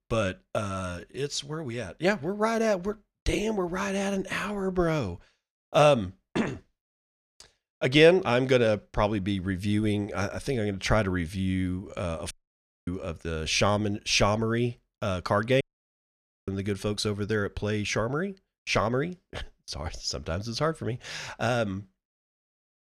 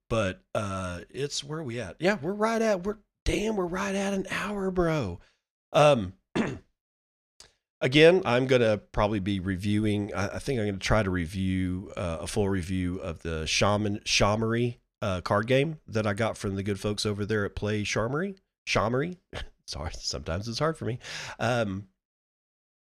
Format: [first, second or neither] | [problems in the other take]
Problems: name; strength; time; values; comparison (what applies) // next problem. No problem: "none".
second | audio cutting out; at 12 s for 0.5 s and at 16 s for 1 s